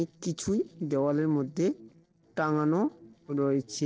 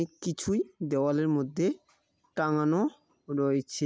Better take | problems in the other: second | noise reduction (neural separator model SepFormer DNS4)

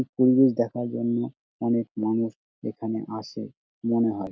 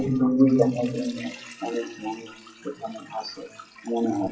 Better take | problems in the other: first | noise reduction (classical method WPE with log-MMSE)

